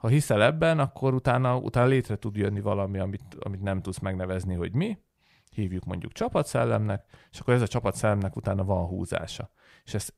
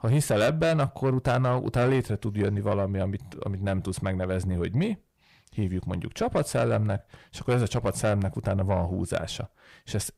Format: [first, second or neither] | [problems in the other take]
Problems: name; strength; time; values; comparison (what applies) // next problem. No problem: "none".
first | distortion; slight; 10 dB below the speech